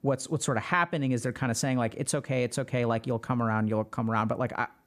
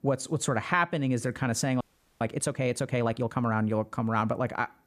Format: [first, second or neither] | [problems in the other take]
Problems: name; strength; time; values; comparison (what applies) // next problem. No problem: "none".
first | audio freezing; at 2 s